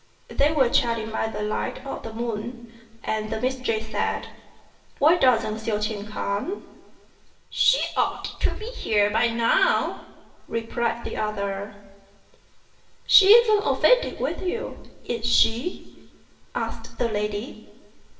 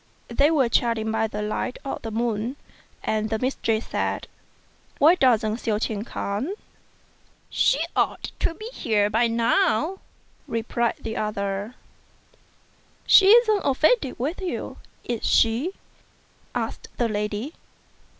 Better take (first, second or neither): second